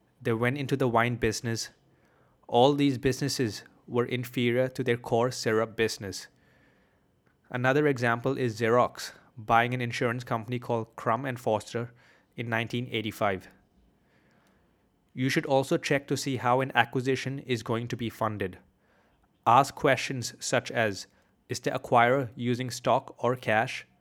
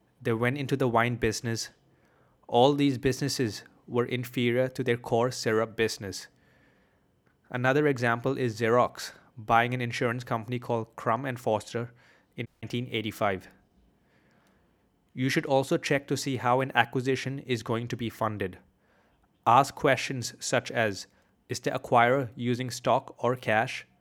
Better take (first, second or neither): first